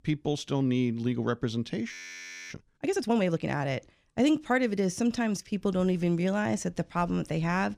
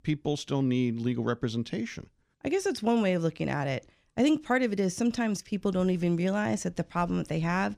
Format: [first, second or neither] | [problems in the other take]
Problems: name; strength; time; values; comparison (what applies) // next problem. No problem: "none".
second | audio freezing; at 2 s for 0.5 s